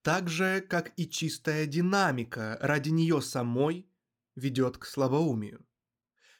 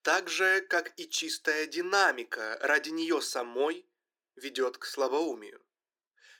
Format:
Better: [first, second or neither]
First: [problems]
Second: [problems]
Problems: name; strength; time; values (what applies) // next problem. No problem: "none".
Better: first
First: none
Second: thin; very; fading below 350 Hz